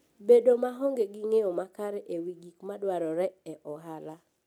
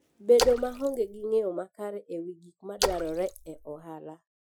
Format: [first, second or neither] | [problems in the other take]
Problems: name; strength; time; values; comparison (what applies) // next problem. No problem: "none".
first | noise reduction (classical method Wiener filter)